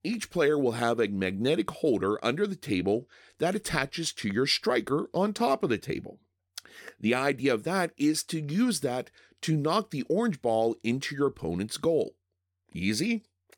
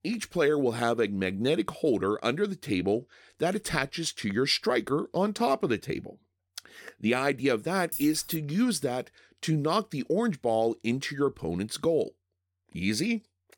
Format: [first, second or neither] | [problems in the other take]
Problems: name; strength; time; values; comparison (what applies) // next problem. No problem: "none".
first | jangling keys; noticeable; at 8 s; peak 7 dB below the speech